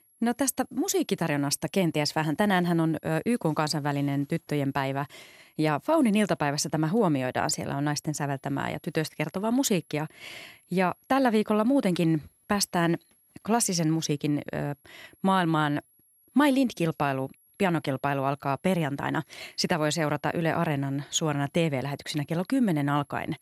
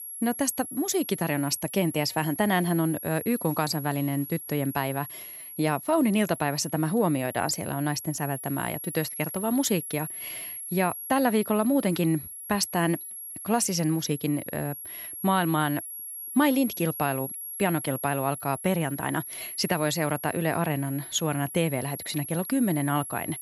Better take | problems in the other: first | high-pitched whine; loud; throughout; 11.5 kHz, 9 dB below the speech; faint in the first

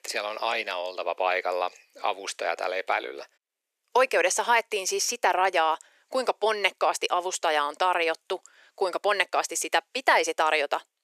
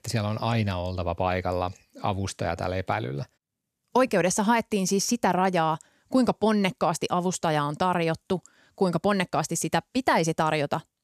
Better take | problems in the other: second | thin; very; fading below 400 Hz

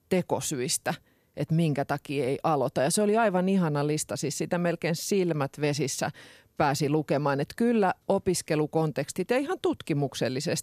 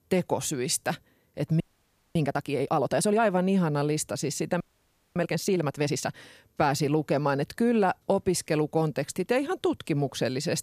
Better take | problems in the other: first | audio freezing; at 1.5 s for 0.5 s and at 4.5 s for 0.5 s

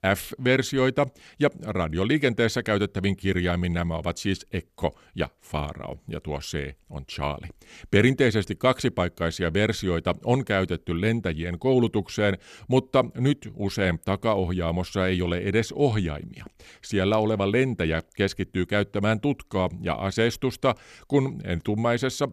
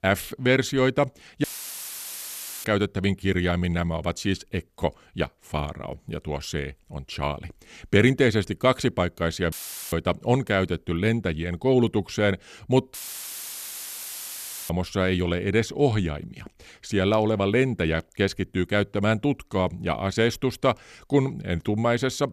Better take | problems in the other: first | audio cutting out; filled with static; at 1.5 s for 1 s, at 9.5 s and at 13 s for 2 s

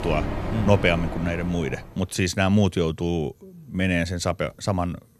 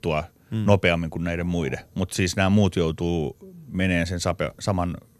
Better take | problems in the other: second | train or aircraft noise; loud; until 1.5 s; 7 dB below the speech

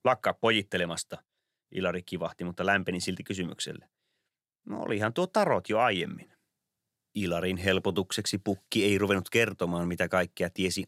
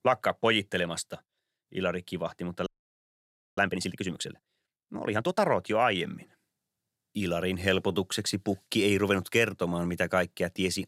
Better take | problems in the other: first | audio freezing; at 2.5 s for 1 s

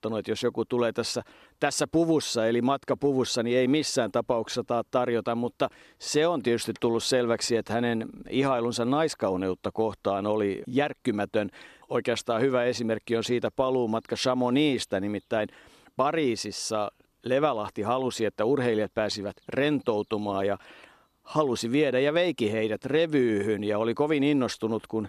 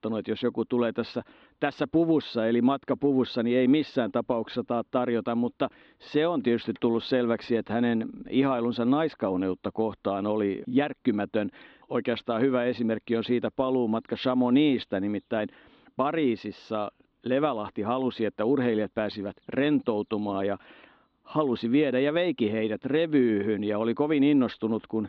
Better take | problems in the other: first | muffled; slightly; fading above 3.5 kHz

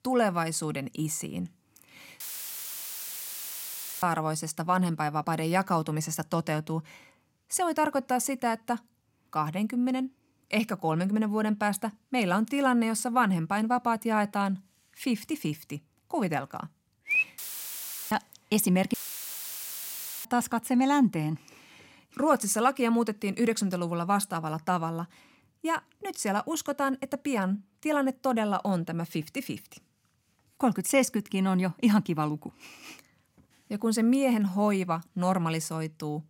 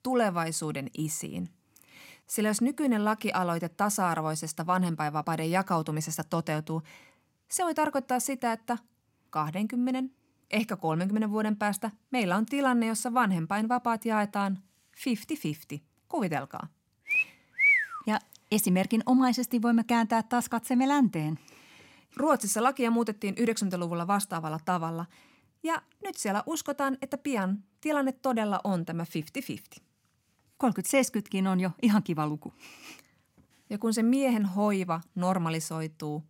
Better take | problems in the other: second | audio cutting out; filled with static; at 2 s for 2 s, at 17 s for 0.5 s and at 19 s for 1.5 s

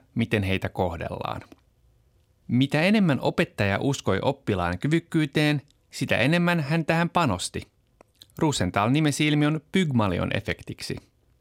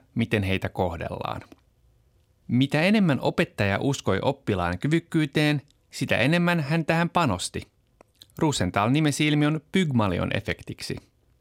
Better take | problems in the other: neither | none

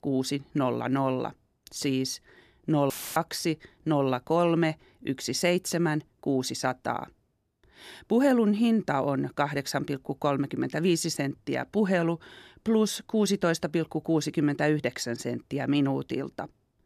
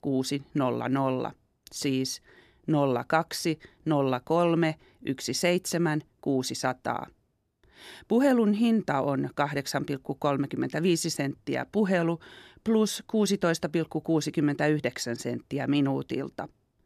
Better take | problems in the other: second | audio cutting out; filled with static; at 3 s

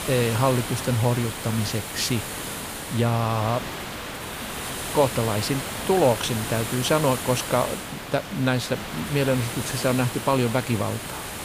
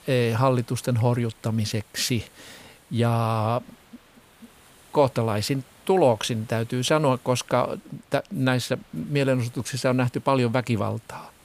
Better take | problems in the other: second | hiss; loud; throughout; 6 dB below the speech; faint in the second

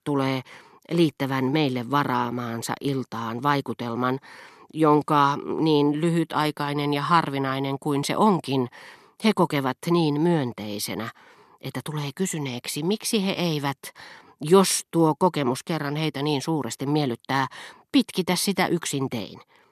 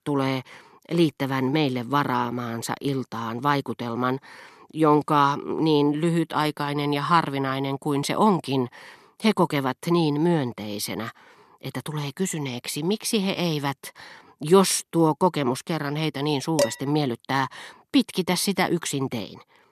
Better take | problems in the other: first | clattering dishes; noticeable; at 17 s; peak 2 dB below the speech

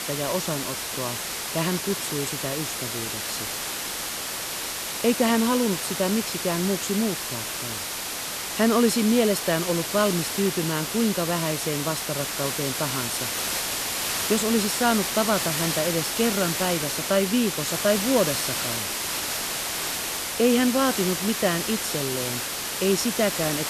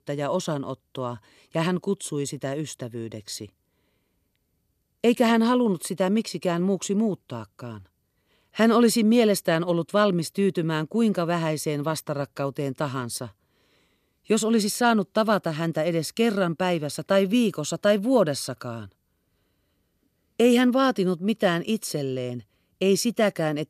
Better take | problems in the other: second | hiss; loud; throughout; 2 dB below the speech

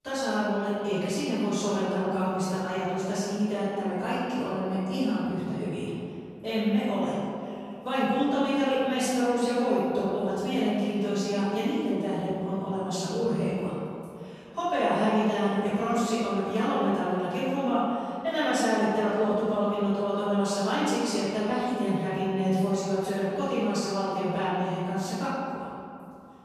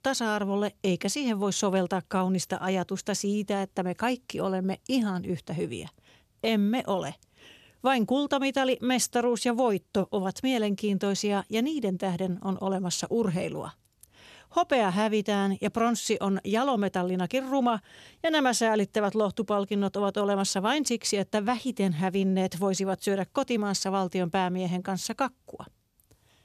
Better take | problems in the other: second | off-mic speech; far // room echo; strong; dies away in 2.5 s

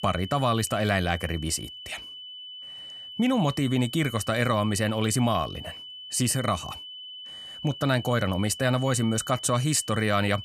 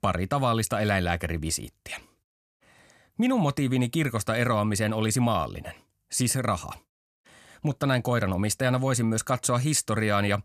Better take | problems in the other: second | high-pitched whine; noticeable; throughout; 3 kHz, 15 dB below the speech

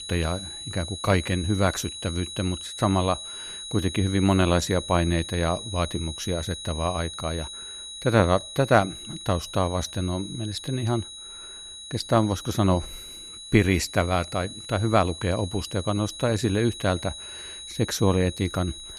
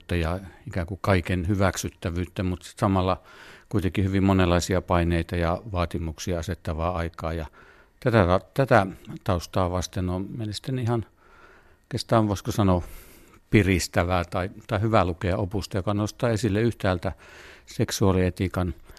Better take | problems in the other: second | high-pitched whine; noticeable; throughout; 4 kHz, 10 dB below the speech

